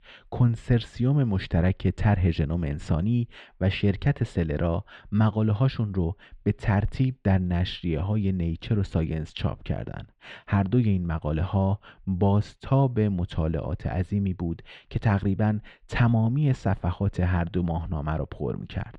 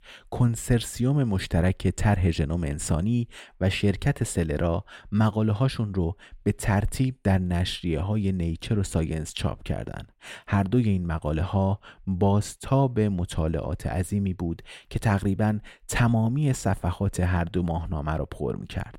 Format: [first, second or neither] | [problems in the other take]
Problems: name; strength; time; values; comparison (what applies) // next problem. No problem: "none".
second | muffled; slightly; fading above 4 kHz